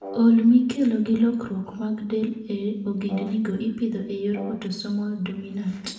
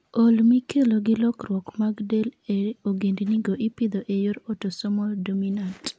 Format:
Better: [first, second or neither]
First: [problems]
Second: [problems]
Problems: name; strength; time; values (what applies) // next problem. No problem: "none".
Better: second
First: background sound (Brass instrument); 17 dB below the speech // room echo; dies away in 0.7 s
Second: none